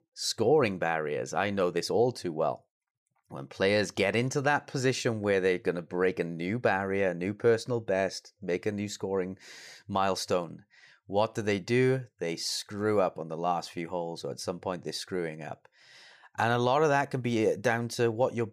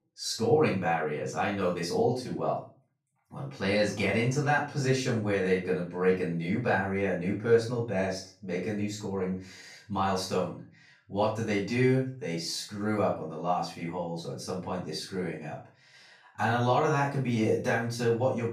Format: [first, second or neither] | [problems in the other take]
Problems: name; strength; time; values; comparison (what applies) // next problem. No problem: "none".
first | room echo; slight; dies away in 0.3 s // off-mic speech; far